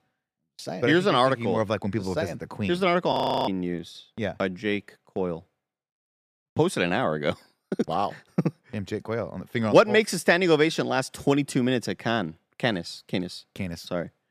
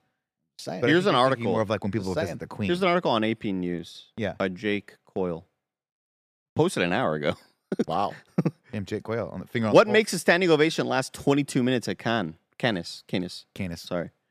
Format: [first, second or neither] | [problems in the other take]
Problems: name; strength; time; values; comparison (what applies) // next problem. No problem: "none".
second | audio freezing; at 3 s